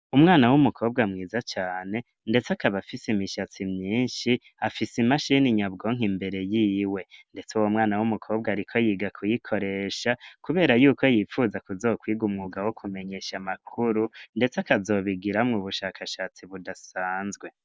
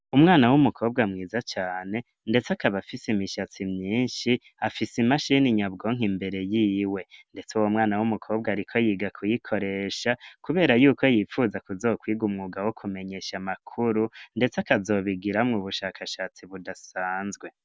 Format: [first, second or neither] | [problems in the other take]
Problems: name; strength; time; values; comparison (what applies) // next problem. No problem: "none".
second | noise reduction (neural mask model Resemble Enhance denoiser)